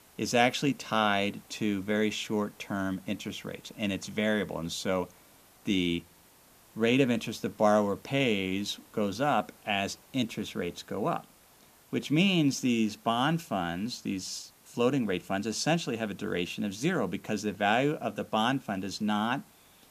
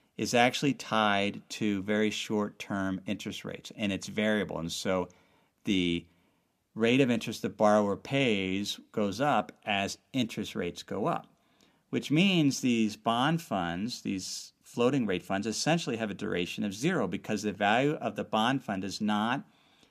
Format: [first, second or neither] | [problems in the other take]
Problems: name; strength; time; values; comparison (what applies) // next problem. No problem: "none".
second | hiss; faint; throughout; 25 dB below the speech